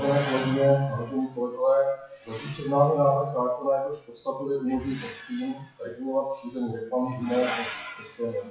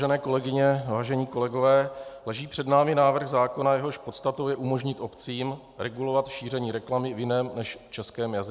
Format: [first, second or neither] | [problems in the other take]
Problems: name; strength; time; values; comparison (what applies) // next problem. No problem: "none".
second | noise reduction (classical method WPE with log-MMSE)